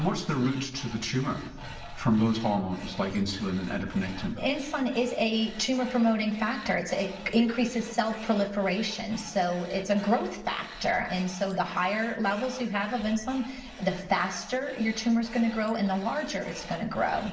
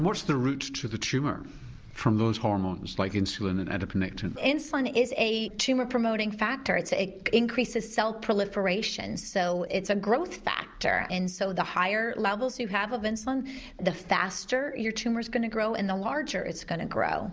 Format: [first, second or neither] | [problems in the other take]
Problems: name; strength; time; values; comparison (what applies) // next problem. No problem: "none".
second | background sound (Tools); 18 dB below the speech // room echo; dies away in 0.9 s